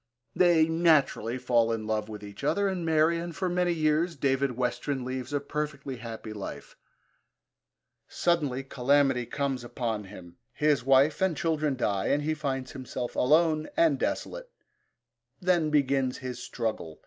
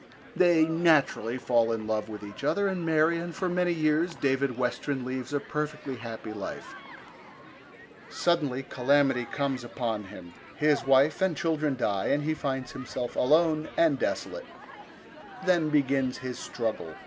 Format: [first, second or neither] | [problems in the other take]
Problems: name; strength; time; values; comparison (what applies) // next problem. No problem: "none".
first | background sound (Human group actions); 18 dB below the speech